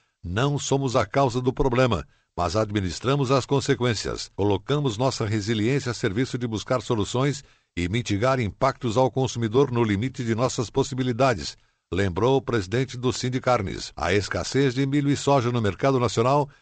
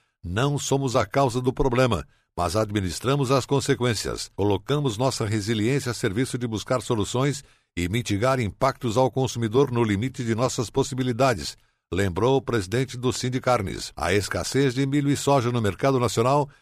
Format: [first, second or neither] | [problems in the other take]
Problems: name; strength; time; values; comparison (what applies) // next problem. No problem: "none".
second | garbled, watery; slightly; nothing above 8 kHz